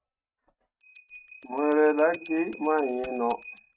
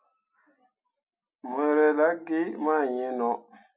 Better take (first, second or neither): second